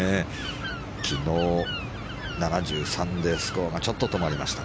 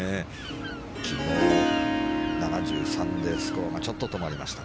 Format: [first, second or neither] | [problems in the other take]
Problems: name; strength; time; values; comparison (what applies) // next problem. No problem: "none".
first | background sound (Harp); 4 dB above the speech